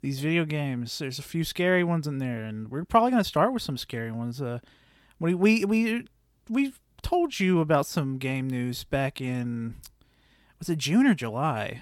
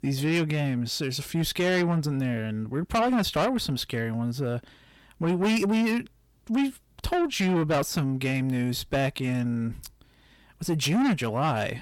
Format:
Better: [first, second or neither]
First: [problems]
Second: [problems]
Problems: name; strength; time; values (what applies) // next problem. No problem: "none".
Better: first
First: none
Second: distortion; heavy; 7 dB below the speech